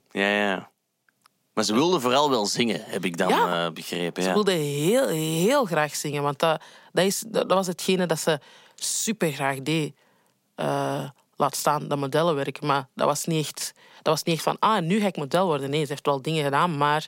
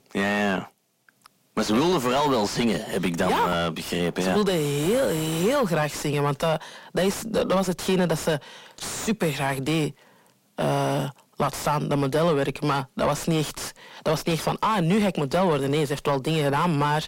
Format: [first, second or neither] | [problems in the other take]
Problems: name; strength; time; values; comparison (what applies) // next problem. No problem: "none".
first | distortion; heavy; 6 dB below the speech